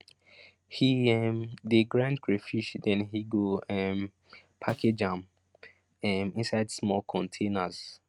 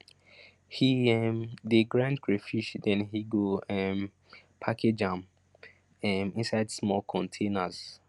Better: second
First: noise reduction (neural mask model RNNoise)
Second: none

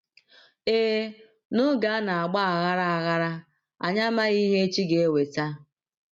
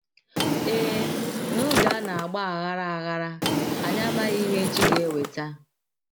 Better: first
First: none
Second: background sound (Drawer open or close); 1 dB above the speech

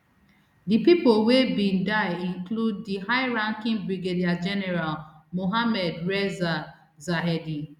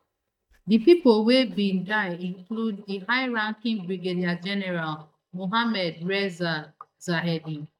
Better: first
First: none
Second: noise reduction (neural mask model DeepFilterNet 3)

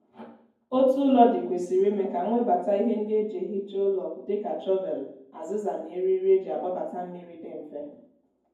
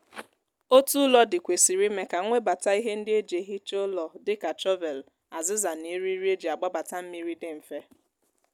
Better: second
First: room echo; dies away in 0.9 s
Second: none

